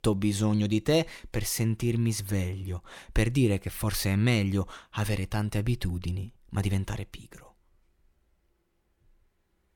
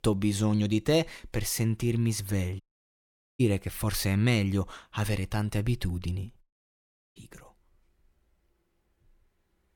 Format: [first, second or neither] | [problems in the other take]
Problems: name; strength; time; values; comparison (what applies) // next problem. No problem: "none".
first | audio cutting out; at 2.5 s for 1 s and at 6.5 s for 0.5 s